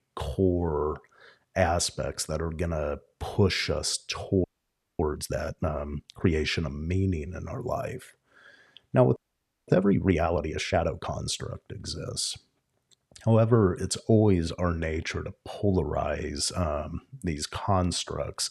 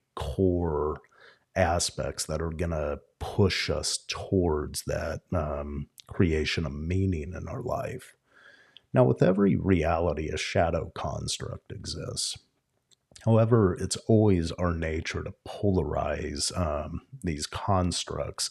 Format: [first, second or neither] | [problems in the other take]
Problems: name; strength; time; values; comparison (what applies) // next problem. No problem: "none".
second | audio freezing; at 4.5 s for 0.5 s and at 9 s for 0.5 s